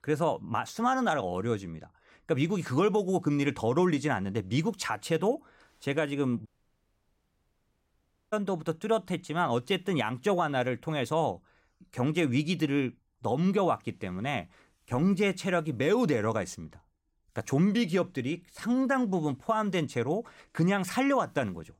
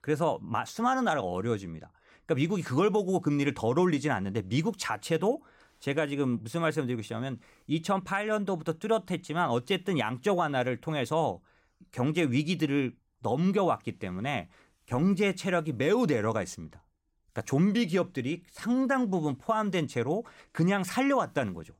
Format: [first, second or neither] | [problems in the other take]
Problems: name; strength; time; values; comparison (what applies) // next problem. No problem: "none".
second | audio cutting out; at 6.5 s for 2 s